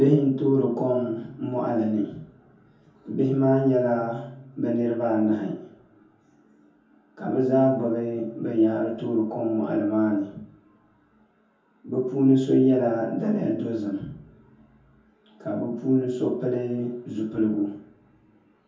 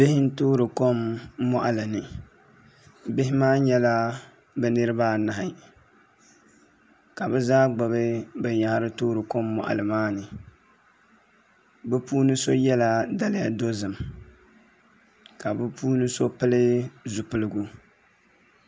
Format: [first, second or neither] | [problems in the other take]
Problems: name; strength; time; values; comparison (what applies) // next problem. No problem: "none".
second | room echo; dies away in 0.6 s